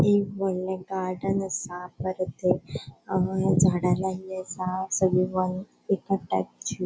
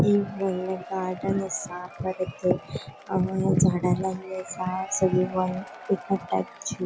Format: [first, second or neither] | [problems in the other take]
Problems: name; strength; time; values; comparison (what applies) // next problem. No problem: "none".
first | background sound (Applause / Crowd / Cheering); 17 dB below the speech